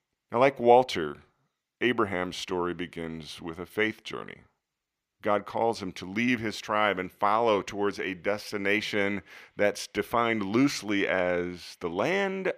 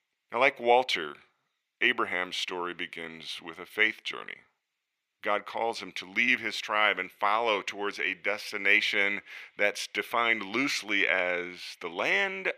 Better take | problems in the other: first | thin; very slightly; fading below 1 kHz

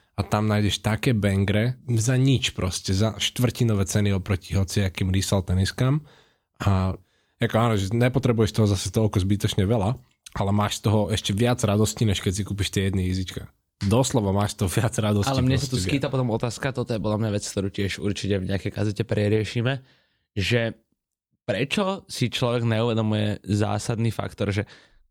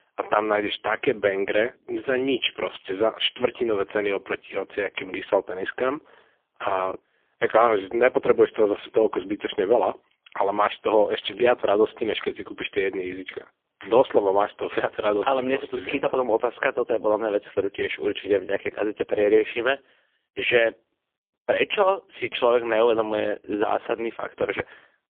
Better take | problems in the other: first | phone-call audio; poor line; nothing above 3.5 kHz

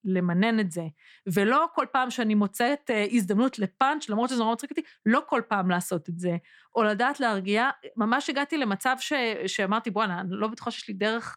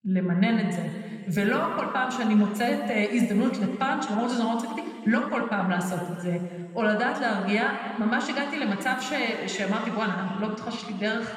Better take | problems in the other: first | room echo; noticeable; dies away in 2.1 s

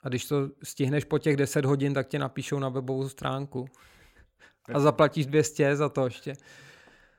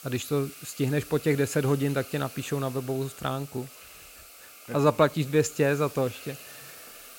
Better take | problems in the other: first | hiss; noticeable; throughout; 15 dB below the speech

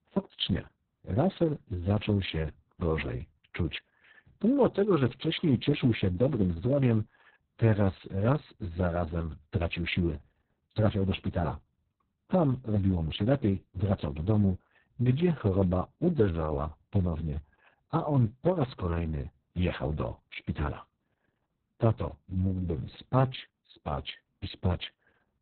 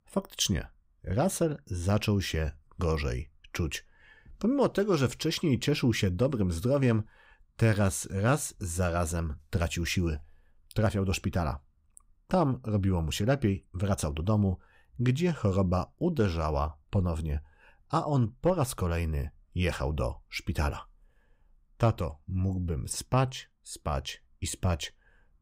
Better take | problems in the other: second | garbled, watery; badly; nothing above 4 kHz

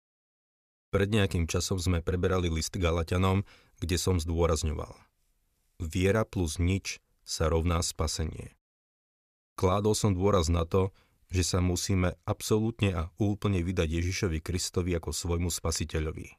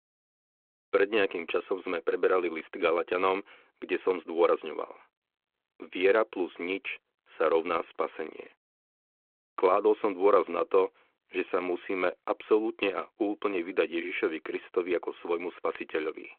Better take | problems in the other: first | phone-call audio

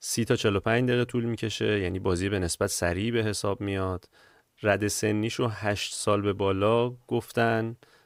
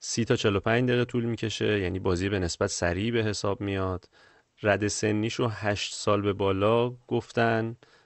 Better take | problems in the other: first | garbled, watery; slightly; nothing above 8 kHz

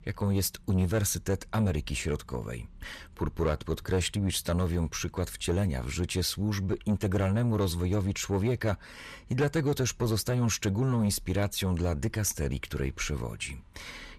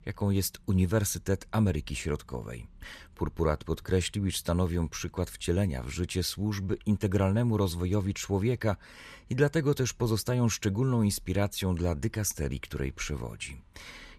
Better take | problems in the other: second | distortion; slight; 10 dB below the speech

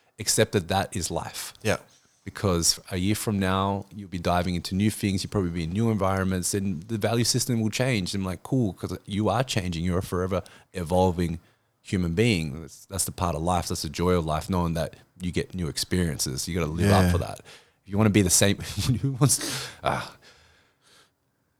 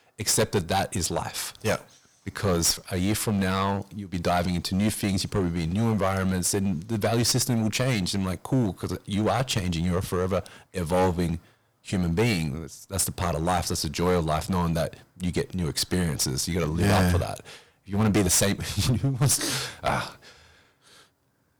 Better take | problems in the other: first | distortion; heavy; 7% of the sound clipped

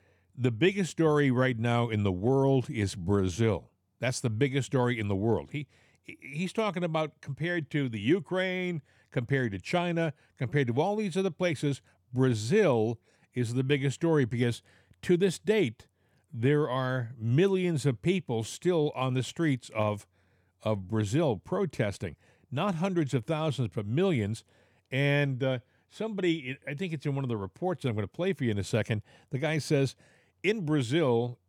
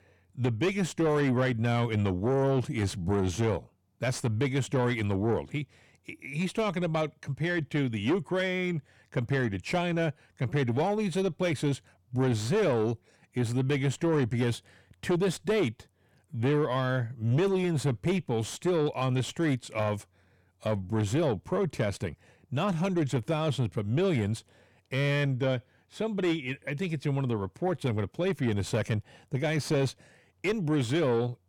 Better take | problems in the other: first | distortion; slight; 10 dB below the speech

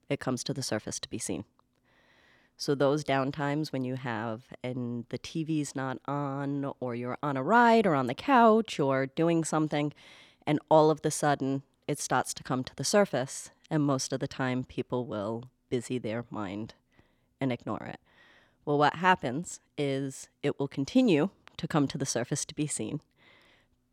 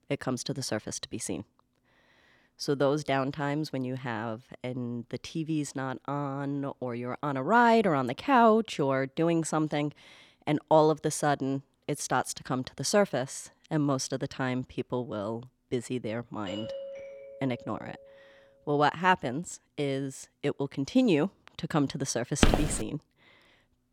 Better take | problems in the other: first | doorbell; noticeable; from 16 to 18 s; peak 9 dB below the speech // footsteps; loud; at 22 s; peak 4 dB above the speech

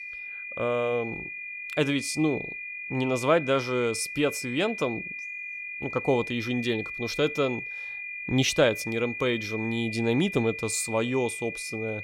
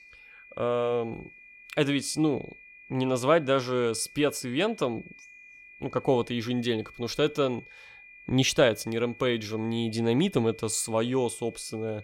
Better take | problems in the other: second | high-pitched whine; loud; throughout; 2.5 kHz, 7 dB below the speech; faint in the second

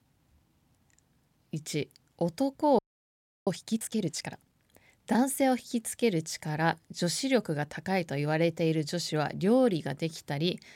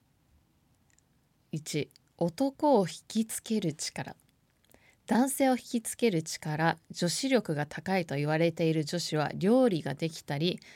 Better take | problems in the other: second | audio freezing; at 3 s for 0.5 s

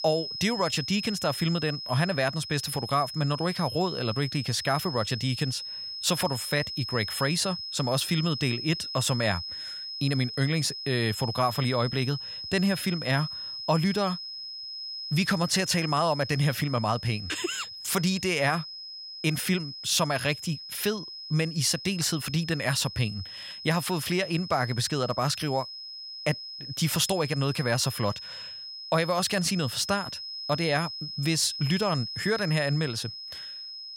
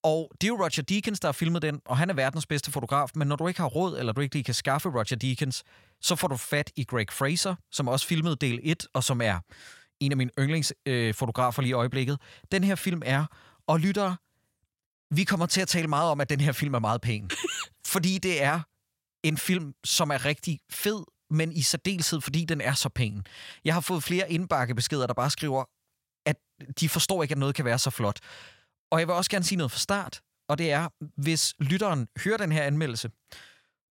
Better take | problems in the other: second | high-pitched whine; loud; throughout; 5 kHz, 8 dB below the speech

